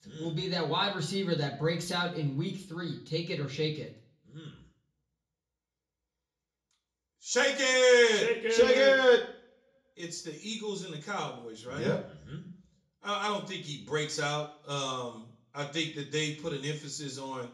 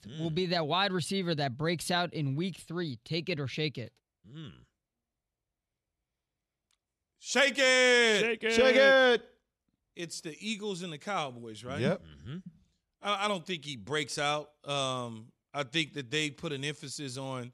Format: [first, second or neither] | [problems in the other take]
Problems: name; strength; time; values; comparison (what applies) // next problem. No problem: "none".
second | room echo; slight; dies away in 0.4 s // off-mic speech; far